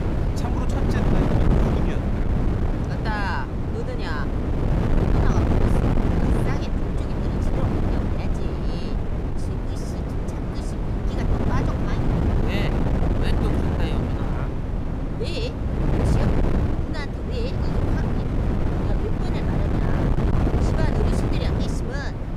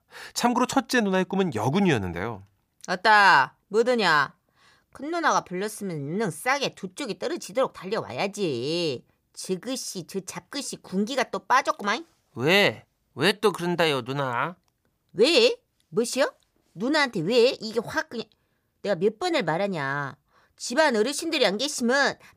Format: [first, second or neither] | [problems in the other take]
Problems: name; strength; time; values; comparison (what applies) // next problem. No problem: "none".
second | wind noise on the microphone; heavy; 5 dB above the speech